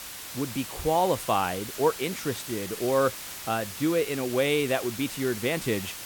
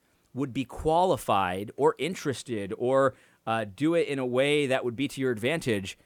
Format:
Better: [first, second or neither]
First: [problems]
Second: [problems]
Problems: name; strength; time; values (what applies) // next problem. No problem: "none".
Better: second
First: hiss; loud; throughout; 9 dB below the speech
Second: none